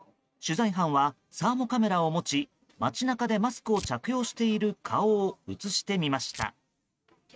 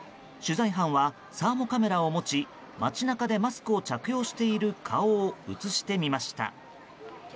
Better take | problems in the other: second | noise reduction (neural mask model RNNoise)

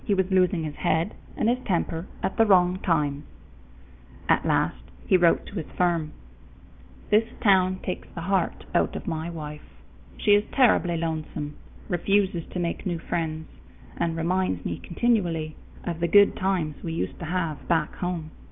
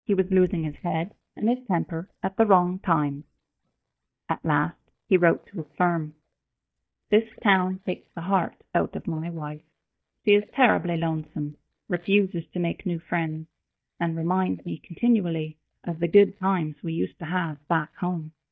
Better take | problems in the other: first | noise reduction (neural mask model DeepFilterNet 3)

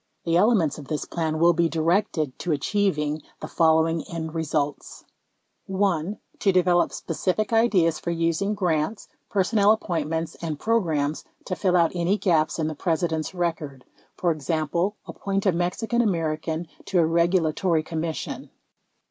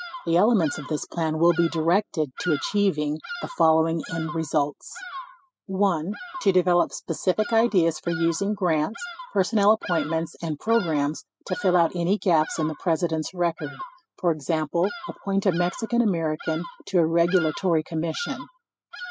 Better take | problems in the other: first | noise reduction (classical method spectral subtraction)

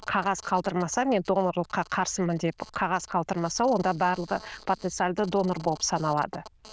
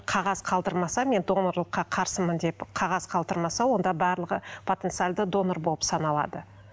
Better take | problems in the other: second | noise reduction (neural diffusion model UNIVERSE++)

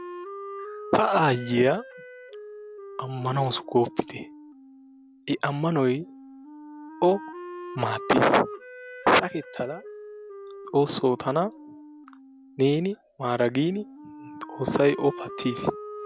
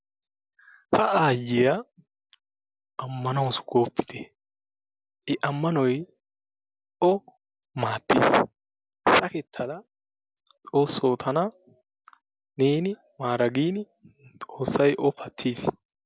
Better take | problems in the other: second | background sound (Wind instrument, woodwind instrument); 14 dB below the speech

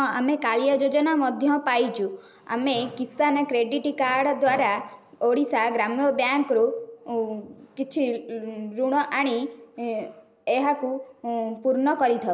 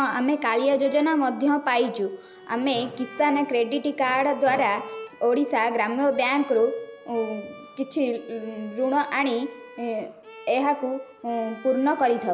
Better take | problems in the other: first | background sound (Bowed string instrument); 20 dB below the speech

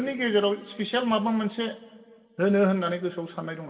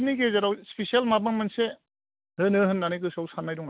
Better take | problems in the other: second | room echo; dies away in 1.3 s

